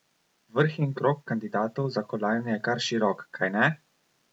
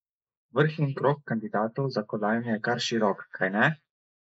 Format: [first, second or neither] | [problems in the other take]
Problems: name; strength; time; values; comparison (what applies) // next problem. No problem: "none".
first | noise reduction (neural mask model Resemble Enhance denoiser)